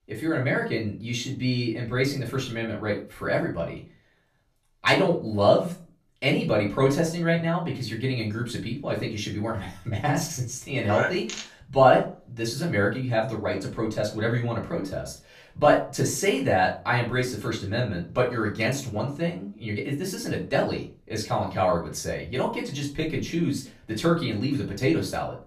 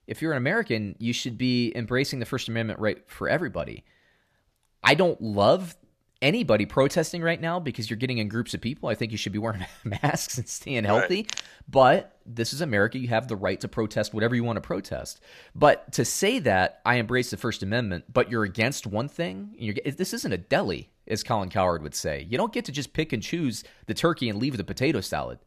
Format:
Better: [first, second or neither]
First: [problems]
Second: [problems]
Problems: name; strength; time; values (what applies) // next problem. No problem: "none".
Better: second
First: off-mic speech; far // room echo; slight; dies away in 0.3 s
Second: none